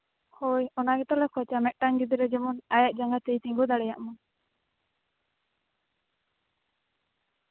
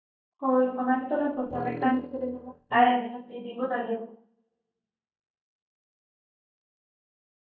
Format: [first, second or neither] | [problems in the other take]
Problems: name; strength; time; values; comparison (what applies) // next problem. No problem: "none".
first | noise reduction (neural mask model DeepFilterNet 3)